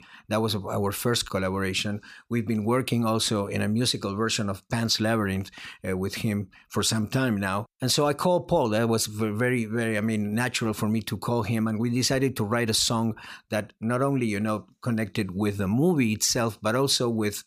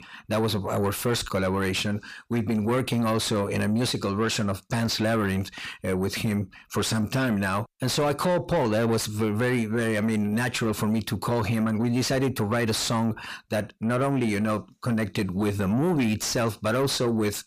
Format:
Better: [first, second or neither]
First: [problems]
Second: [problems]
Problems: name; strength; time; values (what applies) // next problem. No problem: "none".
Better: first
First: none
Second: distortion; slight; 10 dB below the speech